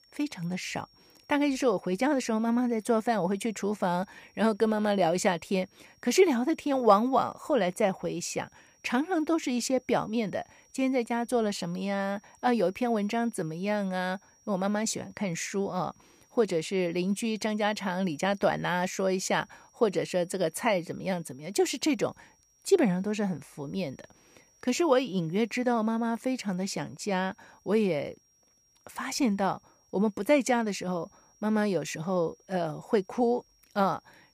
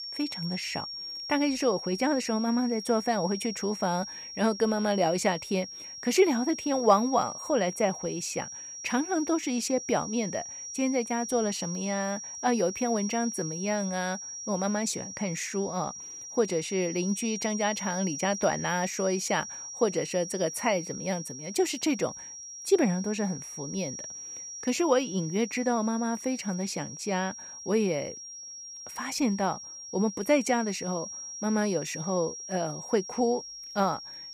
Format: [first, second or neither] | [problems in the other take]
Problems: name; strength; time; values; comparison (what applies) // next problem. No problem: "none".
first | high-pitched whine; loud; throughout; 5.5 kHz, 8 dB below the speech; faint in the first